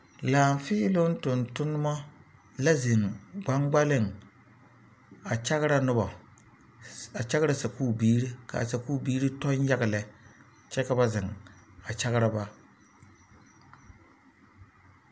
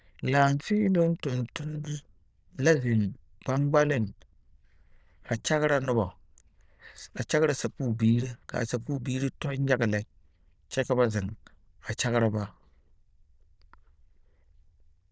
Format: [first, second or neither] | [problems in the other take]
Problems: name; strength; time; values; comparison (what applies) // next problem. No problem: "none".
first | noise reduction (neural diffusion model UNIVERSE++)